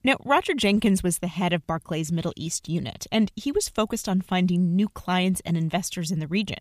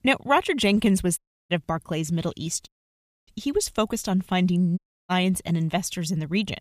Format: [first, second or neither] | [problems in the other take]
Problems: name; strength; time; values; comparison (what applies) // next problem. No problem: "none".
first | audio cutting out; at 1 s, at 2.5 s for 0.5 s and at 5 s